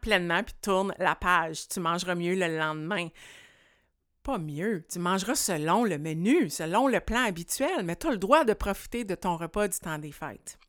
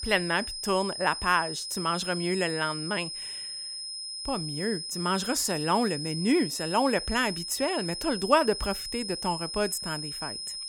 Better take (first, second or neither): first